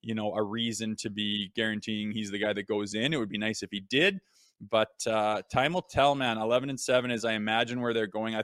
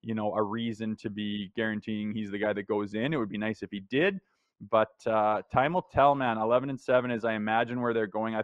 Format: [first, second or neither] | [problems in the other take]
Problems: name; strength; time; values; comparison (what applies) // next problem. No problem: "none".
first | muffled; very; fading above 3.5 kHz